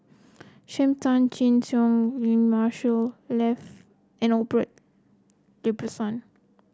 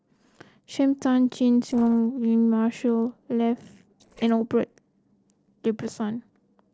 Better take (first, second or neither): first